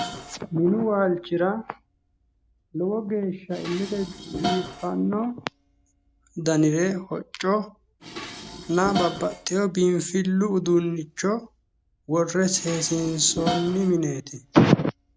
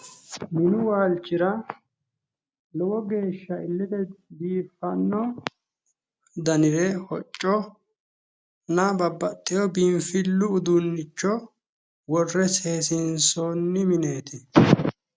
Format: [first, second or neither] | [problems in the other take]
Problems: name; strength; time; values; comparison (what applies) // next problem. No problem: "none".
second | background sound (Dishes, pots, and pans); 12 dB below the speech